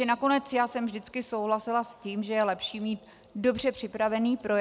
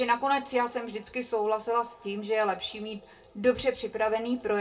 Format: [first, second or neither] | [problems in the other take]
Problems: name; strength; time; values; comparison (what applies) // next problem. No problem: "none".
first | room echo; dies away in 0.2 s